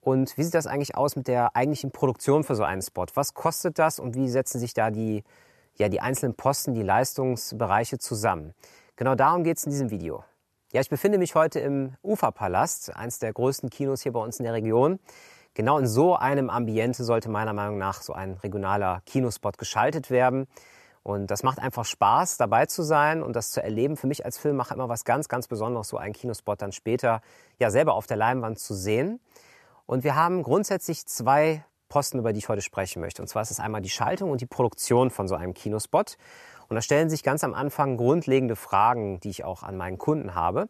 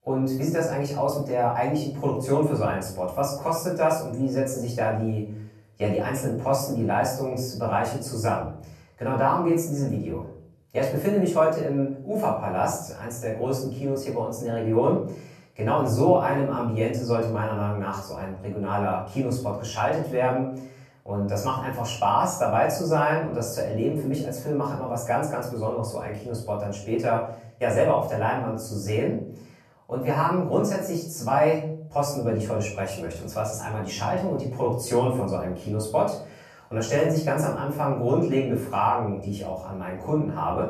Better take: first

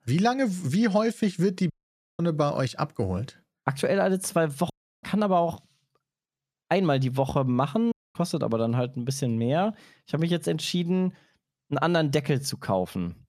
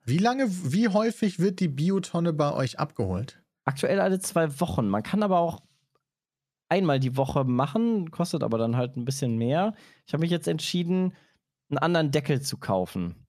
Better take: second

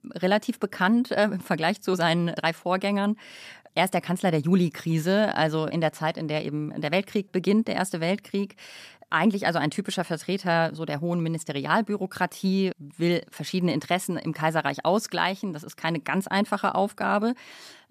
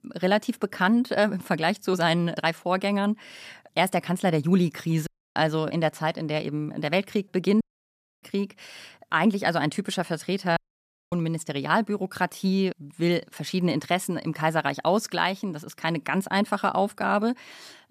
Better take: first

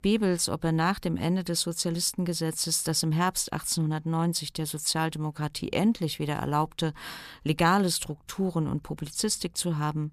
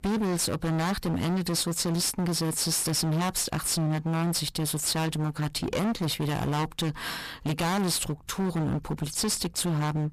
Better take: first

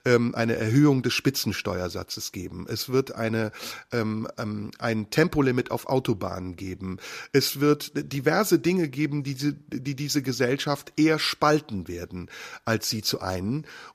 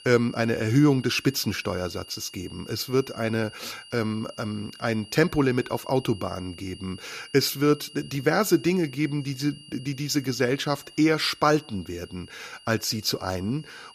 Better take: first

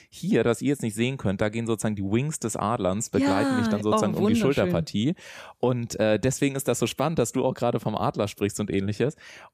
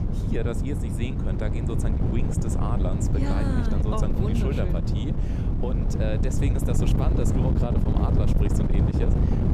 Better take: first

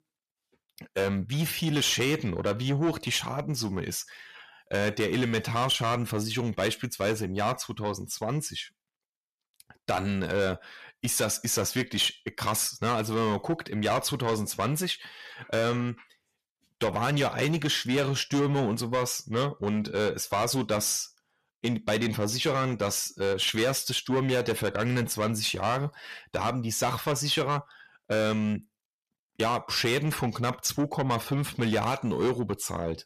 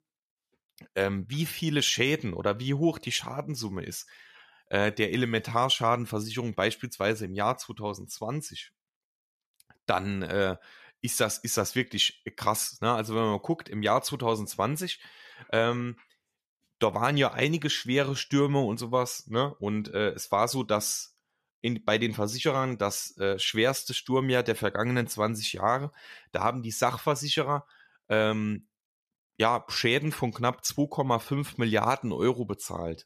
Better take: second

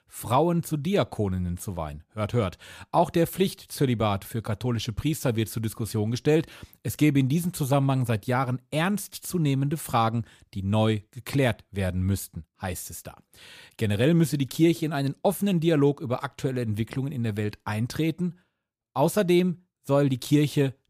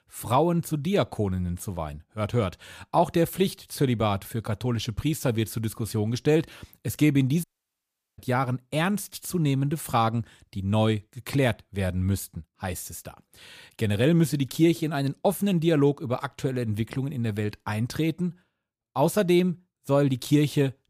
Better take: first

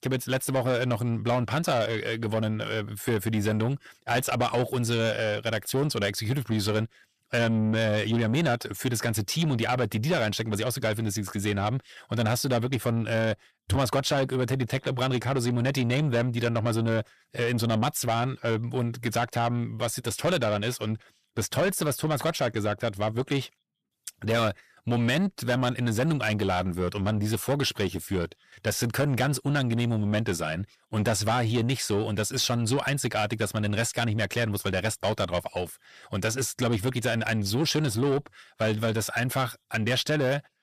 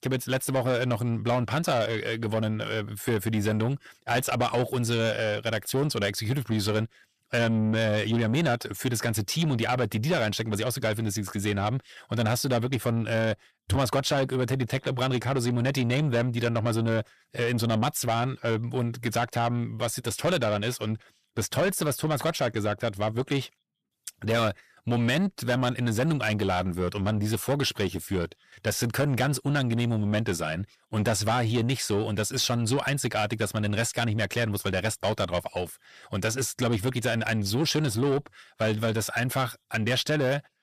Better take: neither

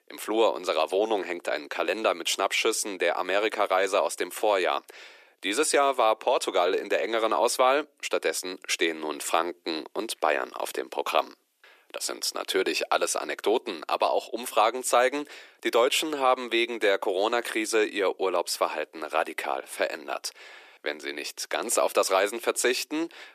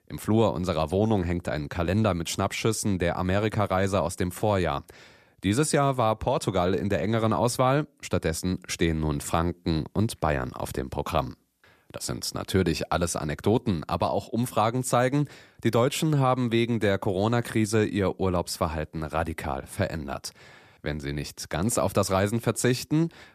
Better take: second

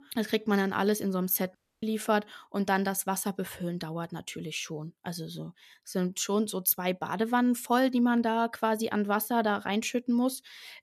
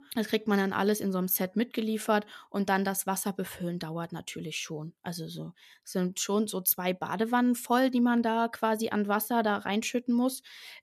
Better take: second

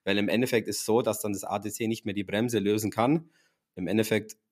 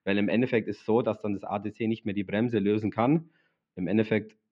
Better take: first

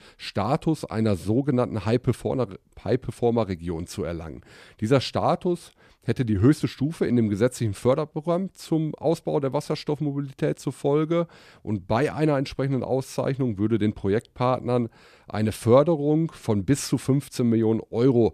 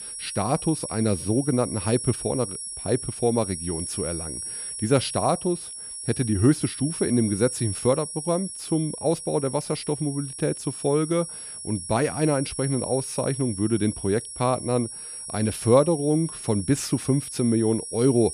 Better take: first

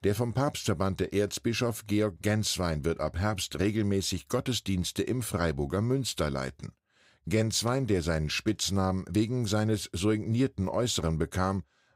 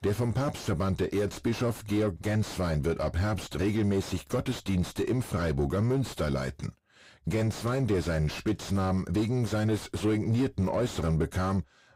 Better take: first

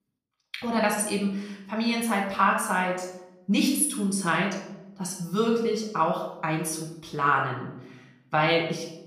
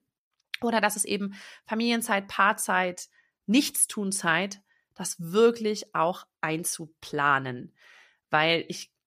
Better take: second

